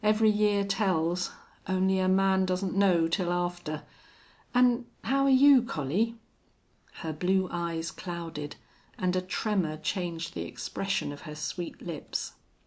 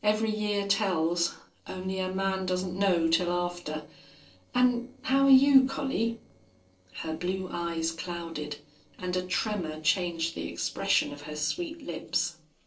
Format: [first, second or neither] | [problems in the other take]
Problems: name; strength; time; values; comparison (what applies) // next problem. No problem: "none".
first | noise reduction (neural separator model SepFormer DNS4)